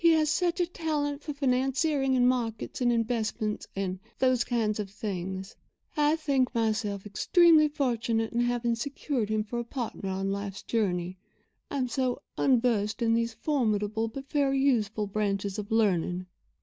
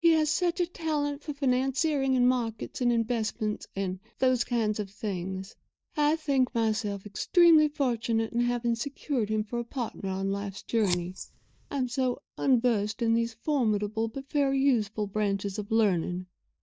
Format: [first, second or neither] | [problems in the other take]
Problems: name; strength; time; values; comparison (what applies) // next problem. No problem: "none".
first | noise reduction (neural mask model DeepFilterNet 3)